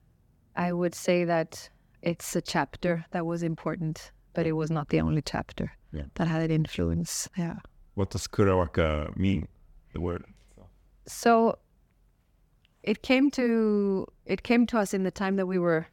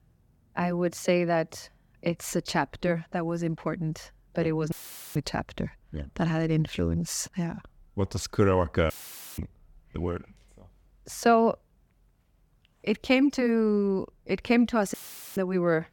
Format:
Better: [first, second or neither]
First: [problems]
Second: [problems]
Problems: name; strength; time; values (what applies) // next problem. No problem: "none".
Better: first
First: none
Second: audio cutting out; filled with static; at 4.5 s, at 9 s and at 15 s